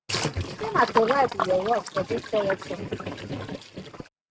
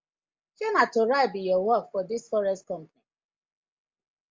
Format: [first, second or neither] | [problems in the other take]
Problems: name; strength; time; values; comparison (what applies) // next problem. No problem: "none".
second | noise reduction (neural mask model RNNoise)